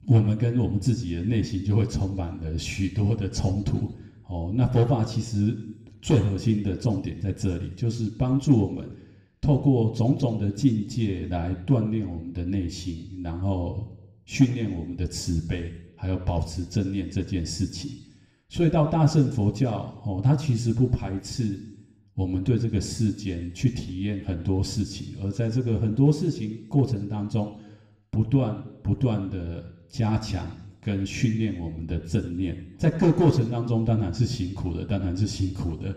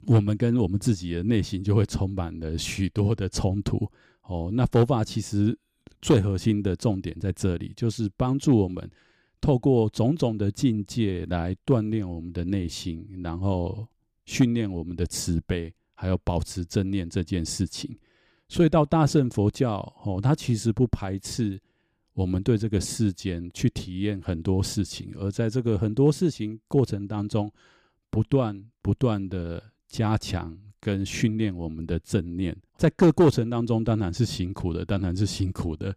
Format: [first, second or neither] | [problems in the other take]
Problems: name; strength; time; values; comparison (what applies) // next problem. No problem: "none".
second | room echo; slight; dies away in 0.8 s // off-mic speech; somewhat distant